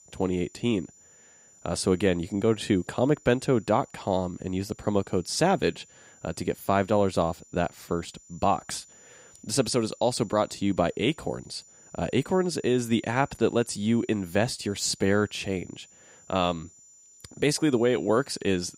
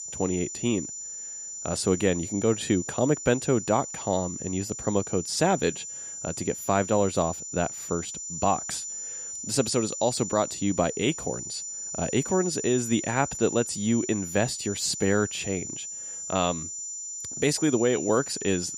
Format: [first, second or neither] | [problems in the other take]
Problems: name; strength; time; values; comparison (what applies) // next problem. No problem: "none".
first | high-pitched whine; loud; throughout; 7 kHz, 7 dB below the speech; faint in the first